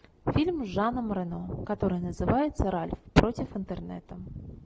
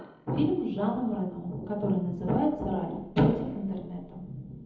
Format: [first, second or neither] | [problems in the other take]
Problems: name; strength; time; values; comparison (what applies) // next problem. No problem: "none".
first | room echo; dies away in 1 s